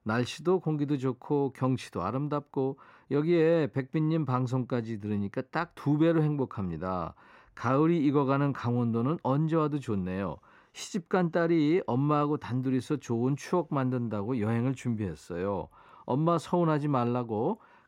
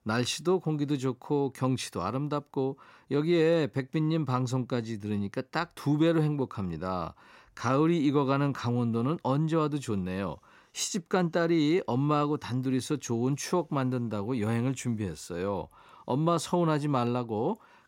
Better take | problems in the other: second | muffled; slightly; fading above 3 kHz

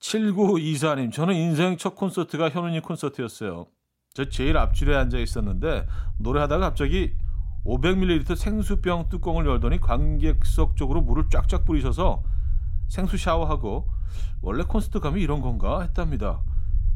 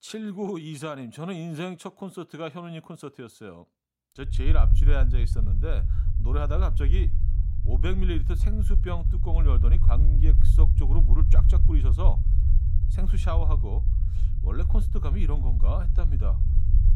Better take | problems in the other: first | low rumble; loud; from 4.5 s on; 6 dB below the speech; faint in the first

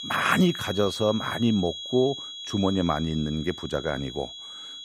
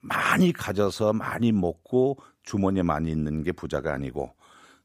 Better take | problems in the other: second | high-pitched whine; loud; throughout; 3.5 kHz, 9 dB below the speech

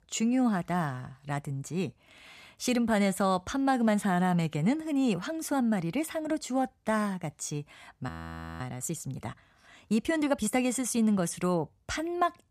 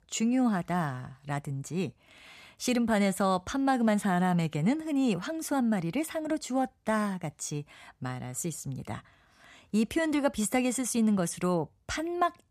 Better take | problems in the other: second | audio freezing; at 8 s for 0.5 s

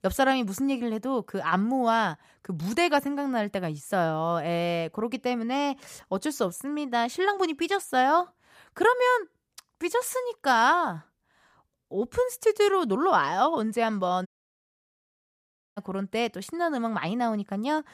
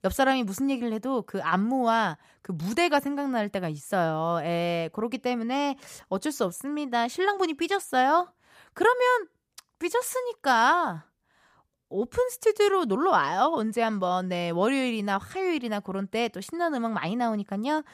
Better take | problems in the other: second | audio cutting out; at 14 s for 1.5 s

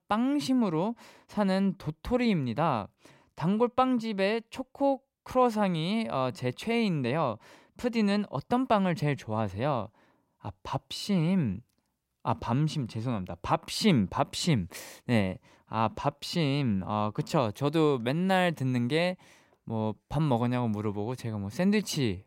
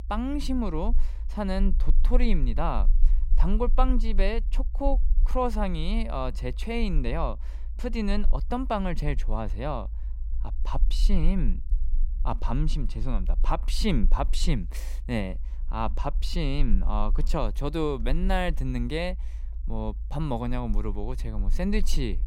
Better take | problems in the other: first | low rumble; faint; throughout; 25 dB below the speech

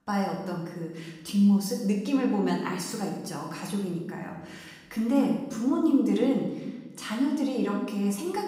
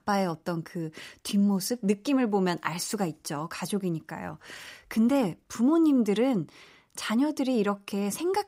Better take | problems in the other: second | room echo; noticeable; dies away in 1 s // off-mic speech; far

